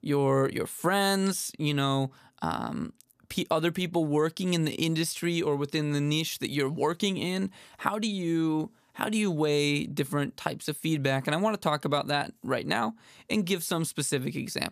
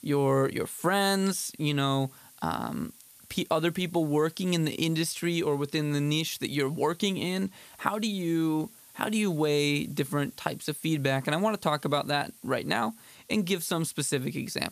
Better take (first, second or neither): first